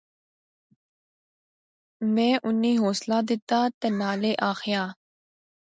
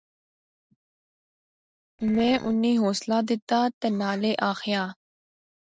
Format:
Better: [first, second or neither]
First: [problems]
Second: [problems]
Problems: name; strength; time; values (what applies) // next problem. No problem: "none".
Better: first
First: none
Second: noise reduction (neural separator model SepFormer DNS4)